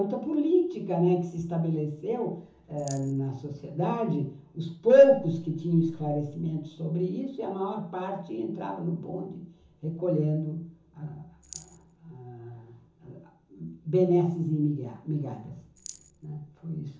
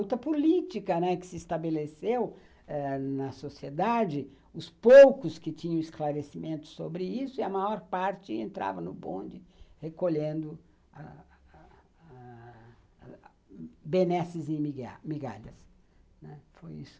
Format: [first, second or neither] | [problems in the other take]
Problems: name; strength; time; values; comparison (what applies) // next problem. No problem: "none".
second | background sound (Rattle); 20 dB below the speech // room echo; dies away in 0.7 s